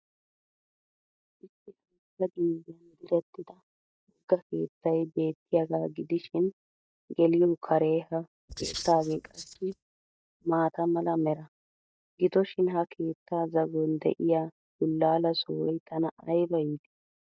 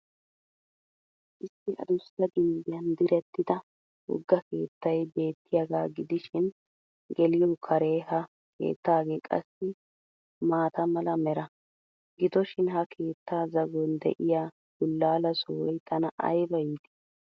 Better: second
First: noise reduction (neural mask model DeepFilterNet 3)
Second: none

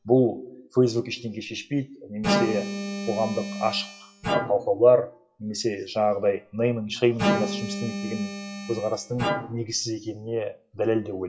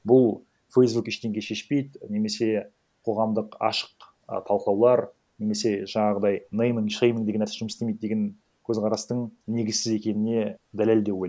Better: second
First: noise reduction (classical method WPE with log-MMSE)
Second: none

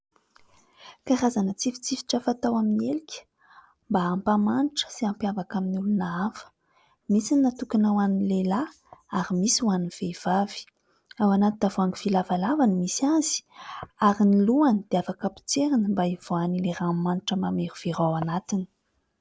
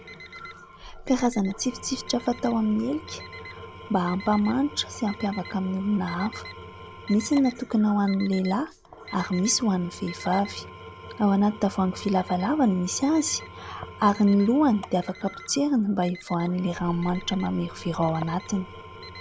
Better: first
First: none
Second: background sound (Engine / Tools + Alarm); 16 dB below the speech

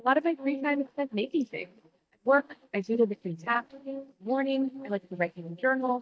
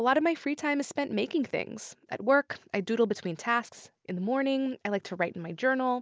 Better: second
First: noise reduction (neural mask model DeepFilterNet 3)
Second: none

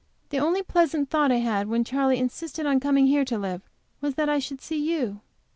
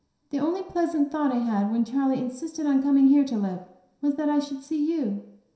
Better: first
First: none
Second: room echo; dies away in 0.7 s

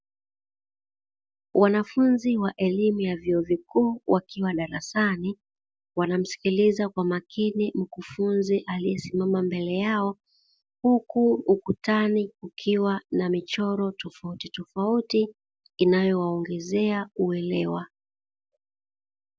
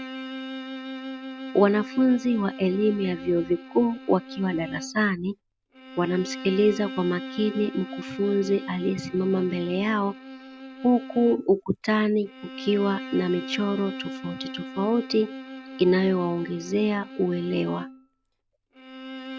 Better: first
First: none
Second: background sound (Bowed string instrument); 12 dB below the speech

